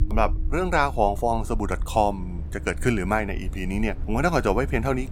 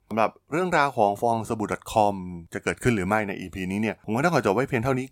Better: second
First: low rumble; faint; throughout; 25 dB below the speech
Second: none

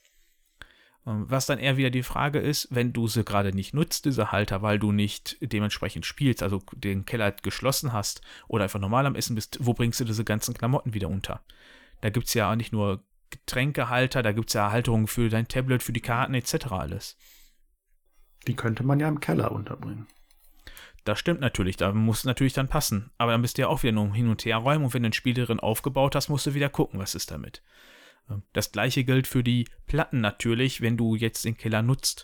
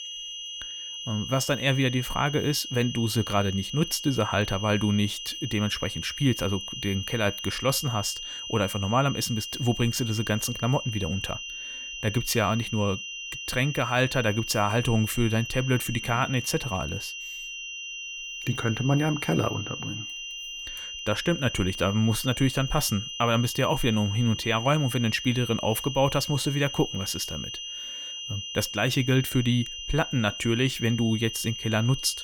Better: first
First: none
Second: high-pitched whine; loud; throughout; 3 kHz, 8 dB below the speech

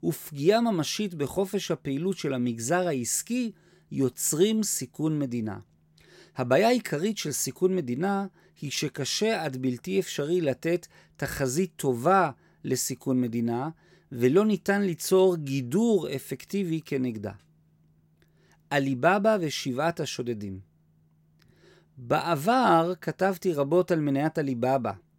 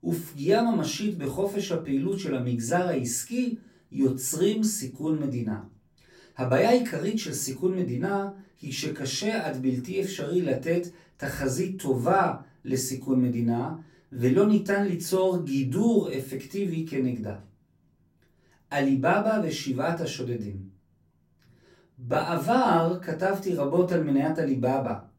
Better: first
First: none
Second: off-mic speech; far // room echo; very slight; dies away in 0.3 s

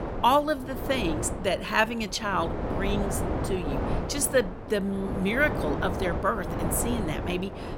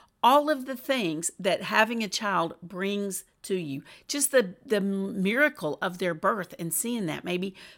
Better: second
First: wind noise on the microphone; heavy; 7 dB below the speech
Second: none

